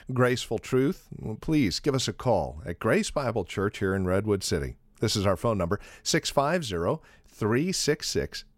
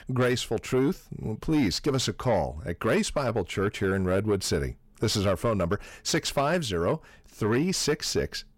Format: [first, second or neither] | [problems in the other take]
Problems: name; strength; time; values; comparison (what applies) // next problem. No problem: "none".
first | distortion; slight; 10 dB below the speech